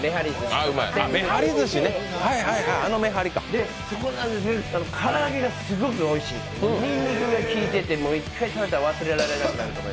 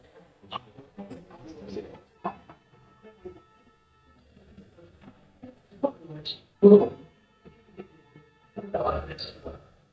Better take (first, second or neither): first